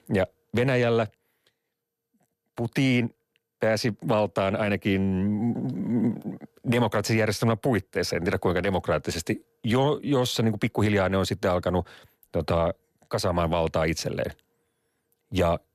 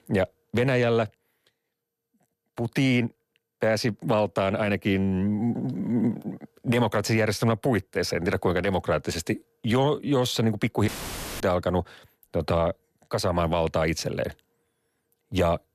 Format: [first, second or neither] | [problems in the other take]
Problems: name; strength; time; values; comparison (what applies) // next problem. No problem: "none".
first | audio cutting out; filled with static; at 11 s for 0.5 s